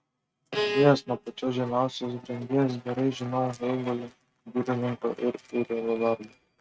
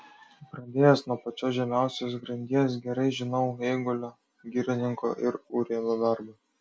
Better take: second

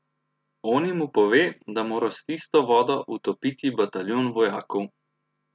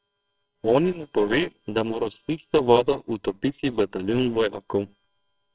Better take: first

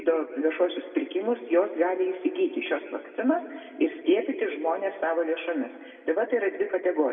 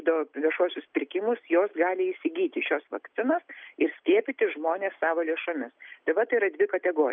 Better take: second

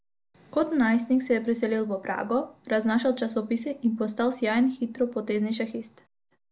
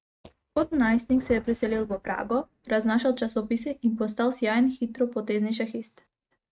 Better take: first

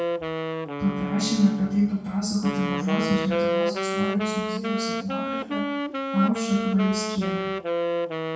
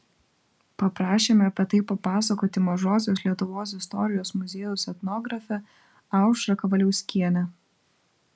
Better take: second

